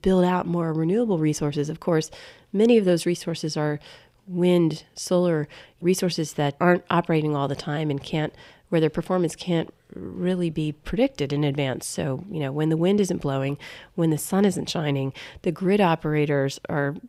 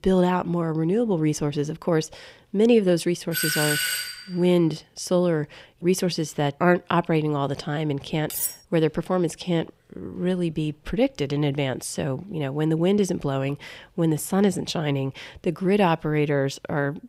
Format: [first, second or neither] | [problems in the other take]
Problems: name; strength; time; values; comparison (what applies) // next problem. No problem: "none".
first | doorbell; loud; at 3.5 s; peak 2 dB above the speech // clattering dishes; noticeable; at 8.5 s; peak 3 dB below the speech